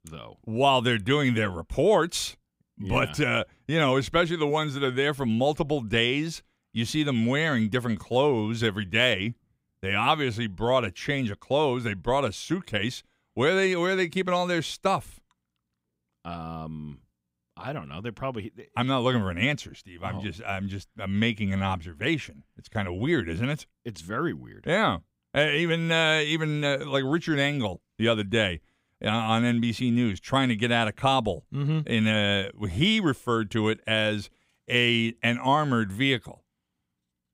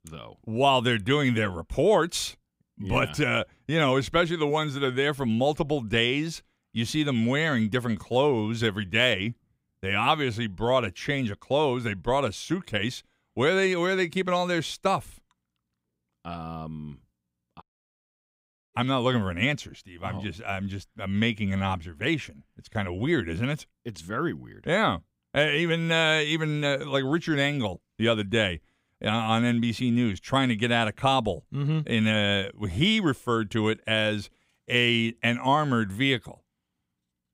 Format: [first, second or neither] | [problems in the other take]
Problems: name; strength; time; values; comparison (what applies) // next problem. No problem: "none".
first | audio cutting out; at 18 s for 1 s